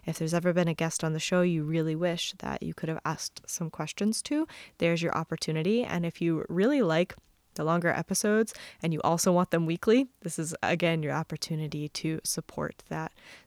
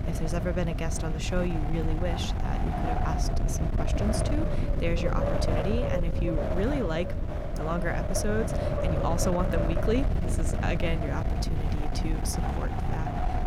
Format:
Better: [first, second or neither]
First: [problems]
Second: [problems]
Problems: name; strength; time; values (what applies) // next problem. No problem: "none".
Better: first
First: none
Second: wind noise on the microphone; heavy; as loud as the speech